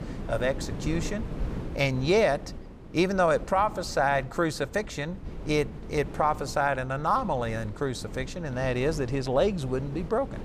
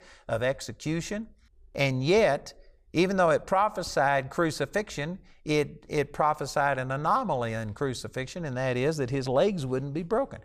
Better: second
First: wind noise on the microphone; occasional gusts; 20 dB below the speech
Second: none

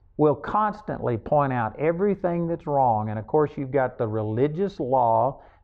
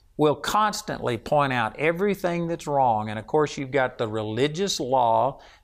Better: second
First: muffled; very; fading above 1 kHz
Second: none

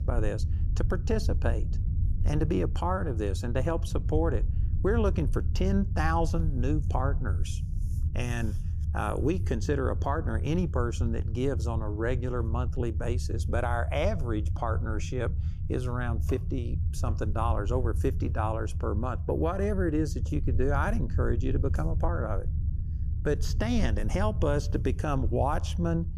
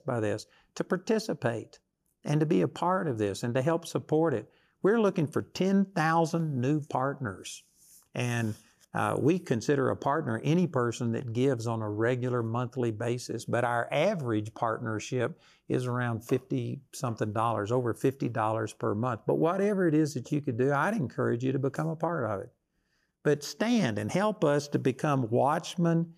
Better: second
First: low rumble; noticeable; throughout; 15 dB below the speech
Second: none

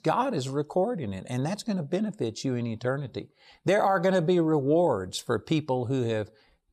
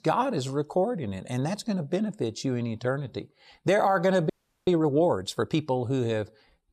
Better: first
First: none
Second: audio freezing; at 4.5 s

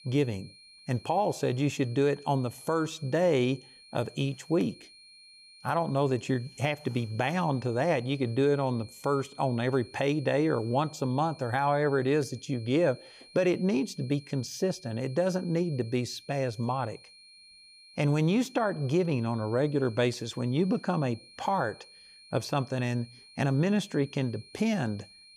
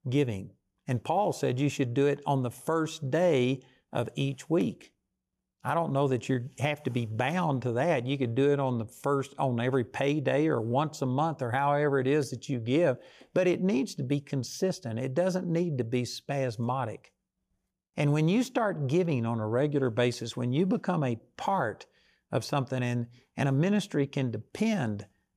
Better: second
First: high-pitched whine; faint; throughout; 4 kHz, 20 dB below the speech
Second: none

